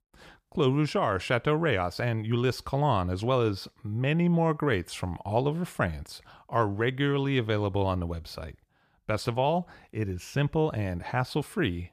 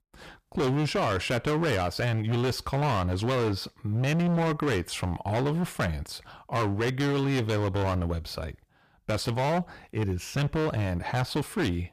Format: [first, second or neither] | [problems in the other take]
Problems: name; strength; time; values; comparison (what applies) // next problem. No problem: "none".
first | distortion; heavy; 20% of the sound clipped